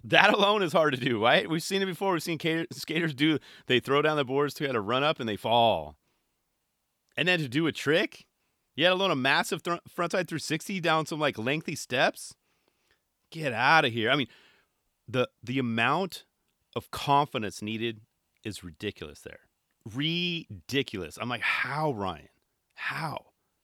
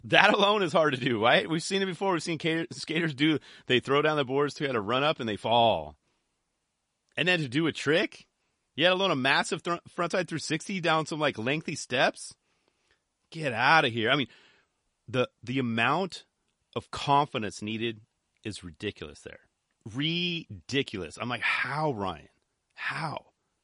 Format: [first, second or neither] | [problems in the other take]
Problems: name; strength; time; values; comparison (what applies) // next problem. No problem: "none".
first | garbled, watery; slightly; nothing above 10.5 kHz